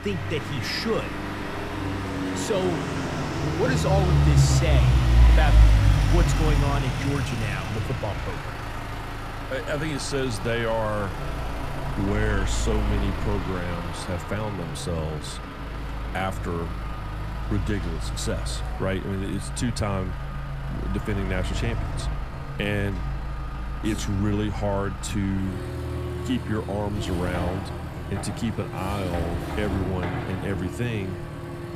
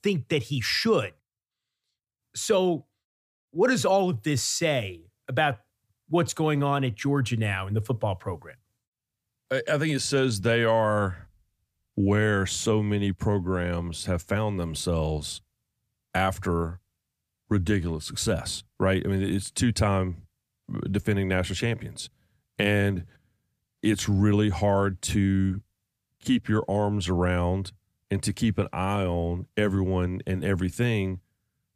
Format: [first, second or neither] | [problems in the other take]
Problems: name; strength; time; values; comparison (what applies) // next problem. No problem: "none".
second | traffic noise; very loud; throughout; 1 dB above the speech